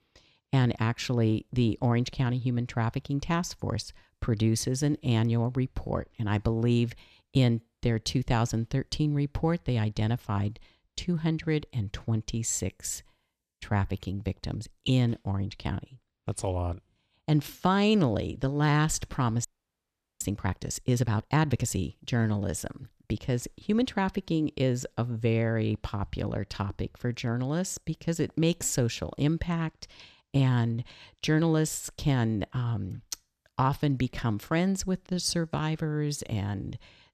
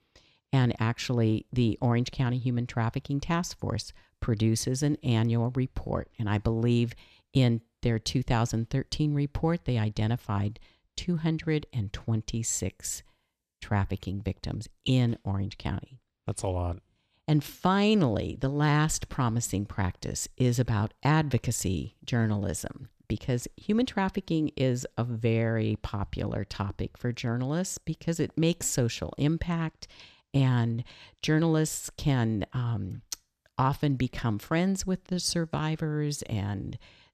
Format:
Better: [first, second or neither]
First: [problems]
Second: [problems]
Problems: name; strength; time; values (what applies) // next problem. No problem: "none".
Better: second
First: audio freezing; at 19 s for 1 s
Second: none